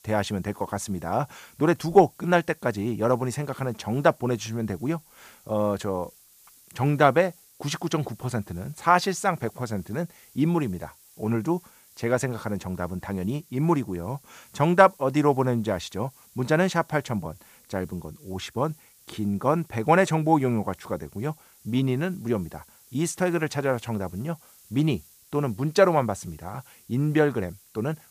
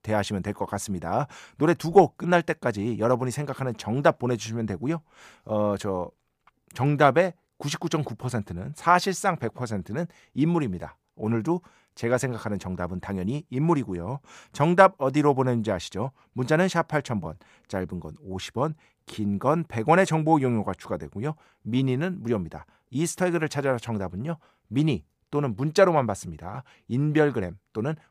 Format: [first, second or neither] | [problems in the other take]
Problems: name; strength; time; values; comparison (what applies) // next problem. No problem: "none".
second | hiss; faint; throughout; 25 dB below the speech